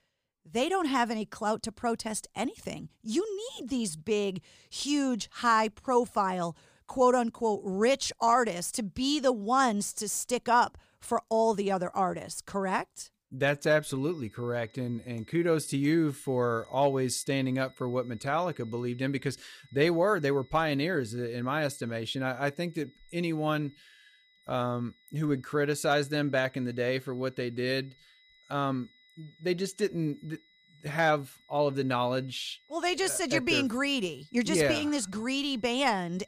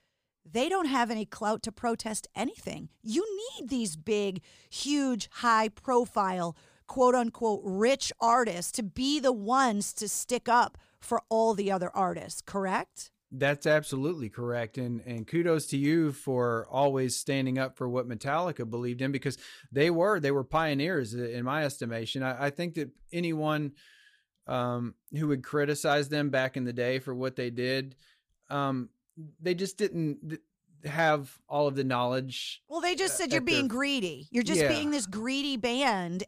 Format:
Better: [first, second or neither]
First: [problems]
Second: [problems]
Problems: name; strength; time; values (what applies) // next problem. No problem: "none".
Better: second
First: high-pitched whine; faint; from 14 s on; 2 kHz, 30 dB below the speech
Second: none